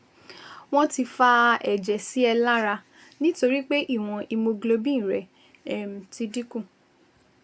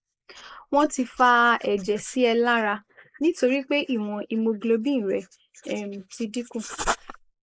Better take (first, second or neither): first